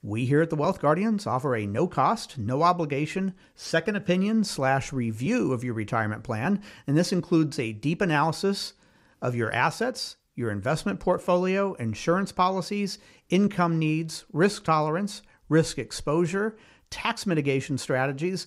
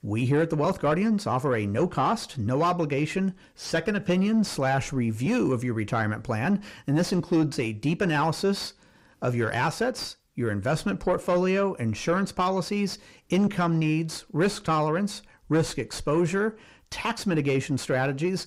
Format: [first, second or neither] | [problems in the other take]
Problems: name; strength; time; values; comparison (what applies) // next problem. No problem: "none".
first | distortion; slight; 10 dB below the speech